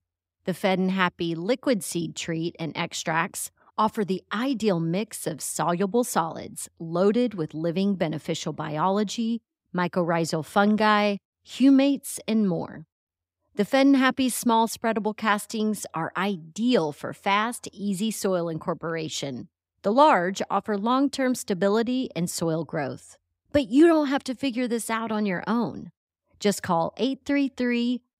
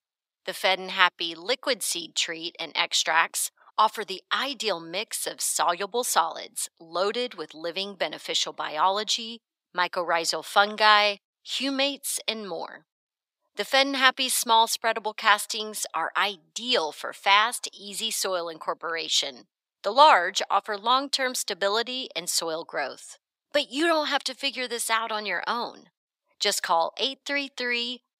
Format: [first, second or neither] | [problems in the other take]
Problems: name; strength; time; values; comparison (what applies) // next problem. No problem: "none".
first | thin; very; fading below 750 Hz